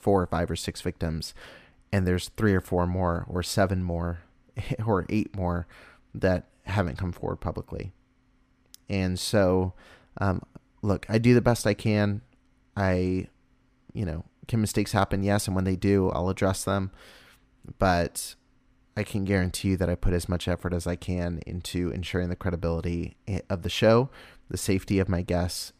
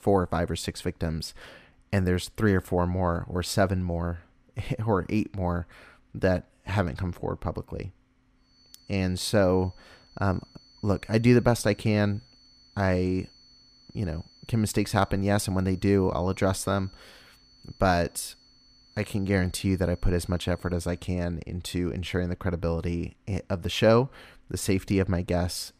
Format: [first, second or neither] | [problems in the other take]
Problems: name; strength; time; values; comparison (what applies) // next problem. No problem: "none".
first | high-pitched whine; faint; from 8.5 to 21 s; 4.5 kHz, 30 dB below the speech